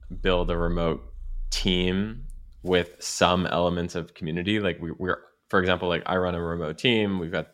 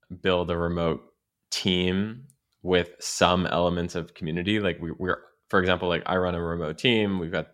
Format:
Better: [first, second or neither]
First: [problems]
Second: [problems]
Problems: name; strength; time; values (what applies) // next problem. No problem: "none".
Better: second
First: animal sounds; noticeable; throughout; 15 dB below the speech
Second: none